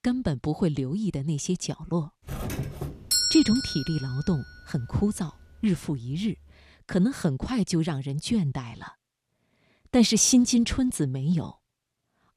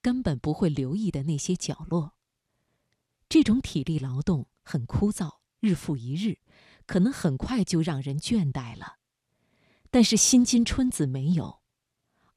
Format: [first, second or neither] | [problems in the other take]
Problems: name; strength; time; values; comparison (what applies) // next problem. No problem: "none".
second | doorbell; loud; from 2.5 to 4 s; peak 4 dB above the speech